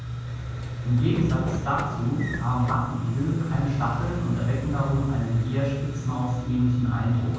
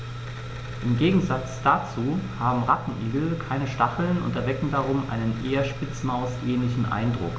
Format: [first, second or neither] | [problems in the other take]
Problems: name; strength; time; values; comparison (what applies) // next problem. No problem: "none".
second | background sound (Sliding door / Train); 15 dB below the speech // room echo; dies away in 1.2 s